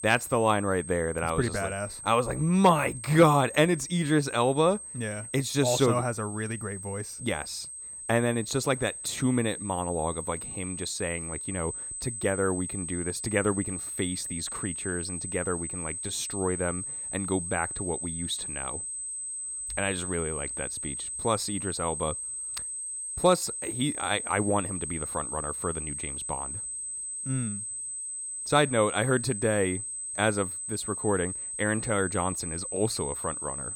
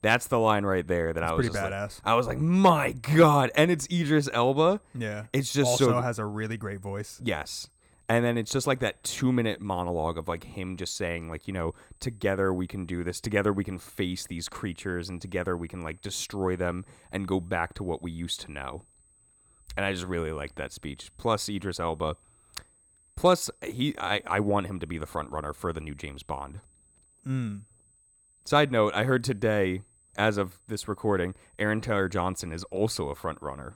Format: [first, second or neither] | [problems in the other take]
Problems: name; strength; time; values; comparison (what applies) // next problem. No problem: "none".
second | high-pitched whine; loud; throughout; 8 kHz, 5 dB below the speech; faint in the second